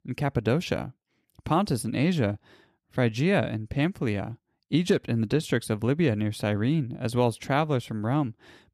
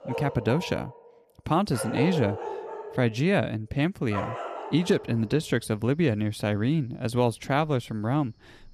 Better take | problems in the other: first | animal sounds; loud; throughout; 9 dB below the speech

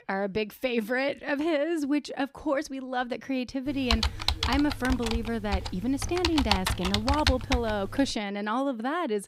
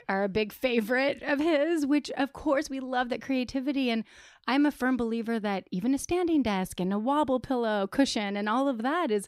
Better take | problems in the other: second | keyboard typing; loud; from 3.5 to 8 s; peak 3 dB above the speech

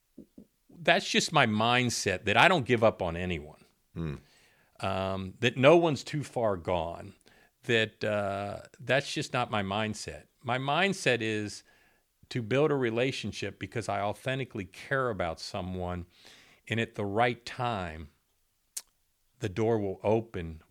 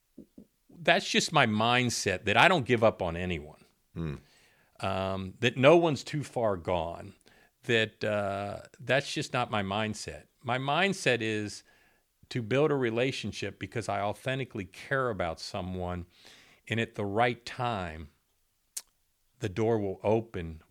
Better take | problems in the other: neither | none

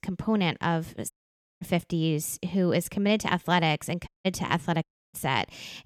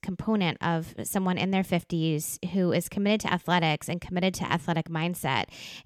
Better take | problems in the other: second | audio cutting out; at 1 s for 0.5 s, at 4 s and at 5 s

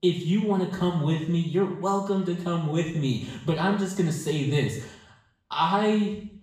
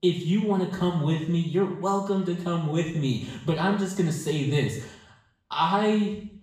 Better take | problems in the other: neither | room echo; noticeable; dies away in 0.7 s; the same in both // off-mic speech; far; the same in both

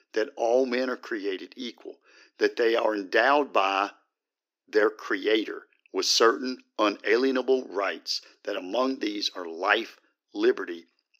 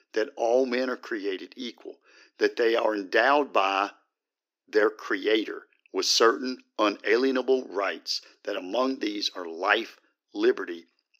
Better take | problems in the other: neither | thin; somewhat; fading below 300 Hz; the same in both

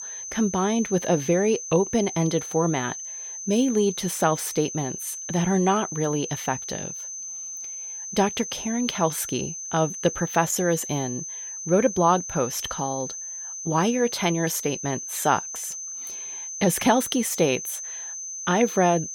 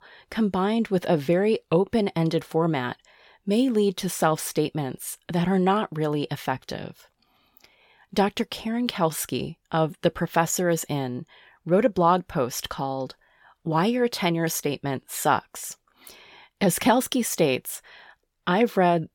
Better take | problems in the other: second | high-pitched whine; loud; throughout; 6 kHz, 8 dB below the speech

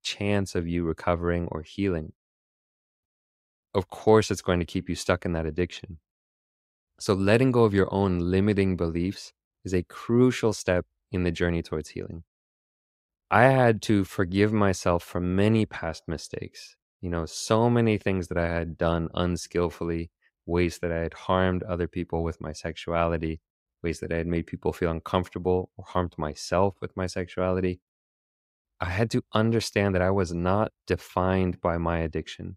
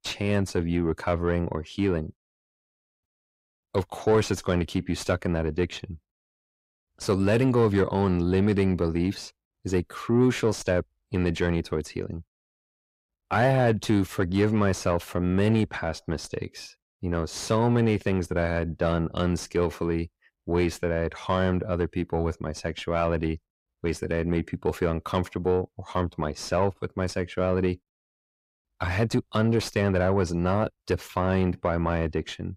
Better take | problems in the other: first | distortion; slight; 10 dB below the speech

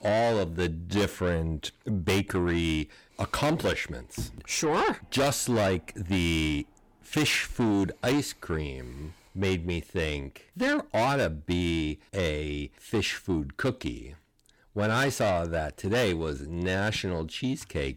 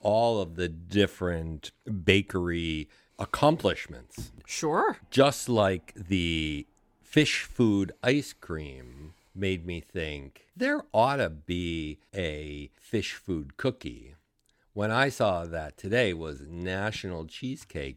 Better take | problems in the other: second | distortion; heavy; 5 dB below the speech

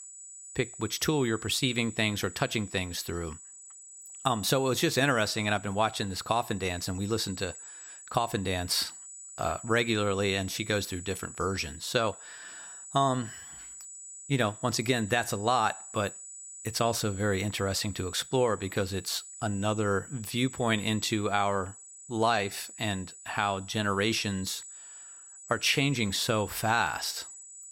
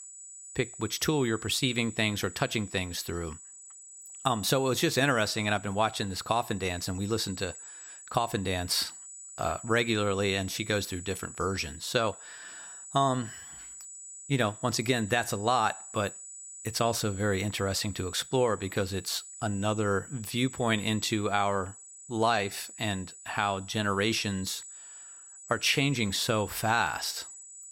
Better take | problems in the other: neither | high-pitched whine; noticeable; throughout; 8 kHz, 15 dB below the speech; the same in both

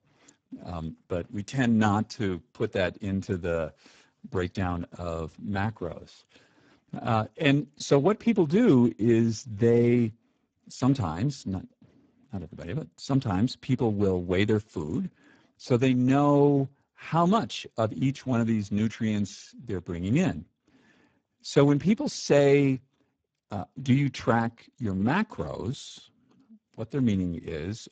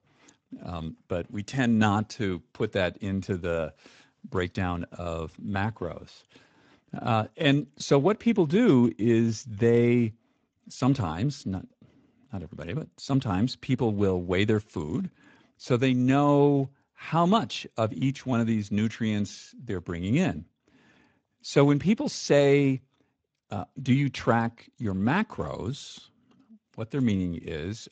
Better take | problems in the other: second | garbled, watery; badly; nothing above 7.5 kHz; slightly in the second

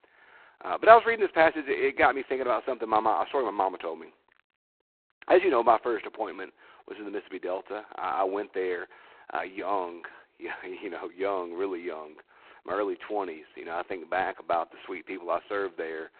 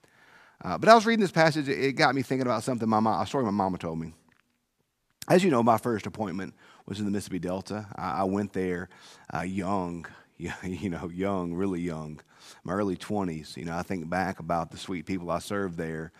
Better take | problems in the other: second | phone-call audio; poor line; nothing above 4 kHz

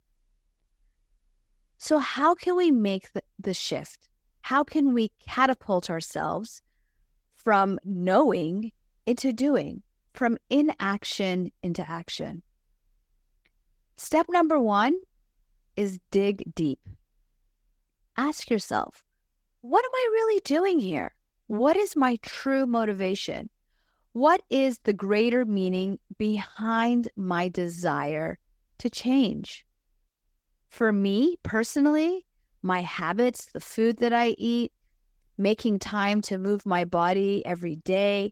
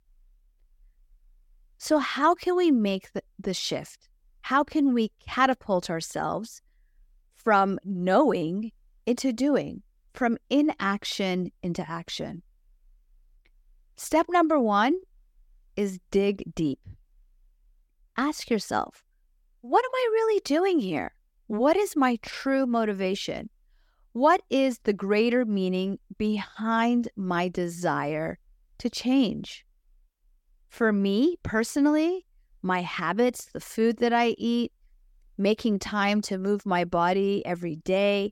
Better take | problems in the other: second | garbled, watery; slightly; nothing above 17 kHz

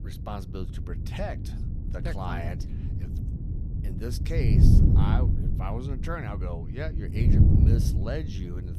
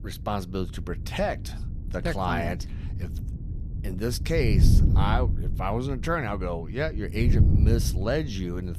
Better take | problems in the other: second | wind noise on the microphone; heavy; 1 dB below the speech; occasional gusts in the second

